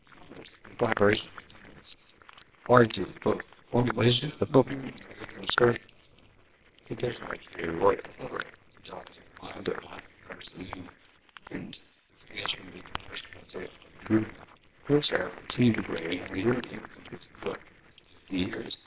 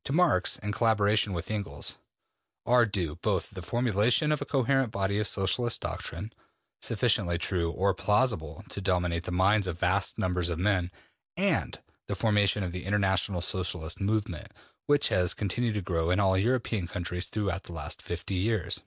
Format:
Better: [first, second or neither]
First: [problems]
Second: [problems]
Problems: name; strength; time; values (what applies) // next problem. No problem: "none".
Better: second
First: noise reduction (neural separator model SepFormer WHAMR!)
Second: none